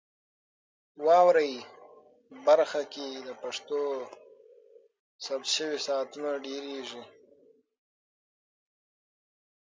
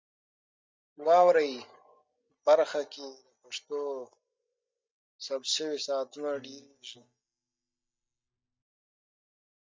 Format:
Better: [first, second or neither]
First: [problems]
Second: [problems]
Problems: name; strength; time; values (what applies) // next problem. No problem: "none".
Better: first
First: none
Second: noise reduction (neural mask model DeepFilterNet 3)